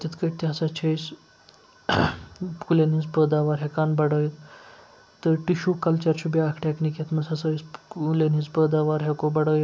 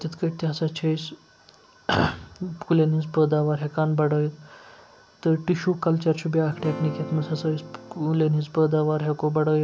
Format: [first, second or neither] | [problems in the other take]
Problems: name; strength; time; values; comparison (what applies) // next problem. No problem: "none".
first | background sound (Acoustic guitar / Strum); 13 dB below the speech